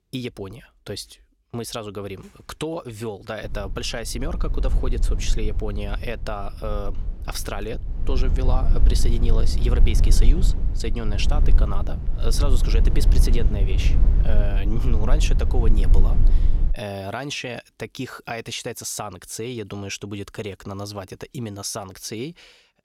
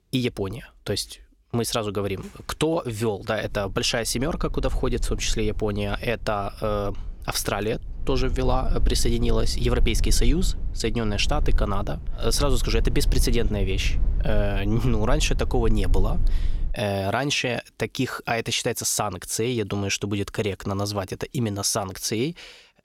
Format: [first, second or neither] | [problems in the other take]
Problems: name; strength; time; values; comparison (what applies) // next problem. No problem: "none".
second | low rumble; loud; from 3.5 to 17 s; 9 dB below the speech; faint in the second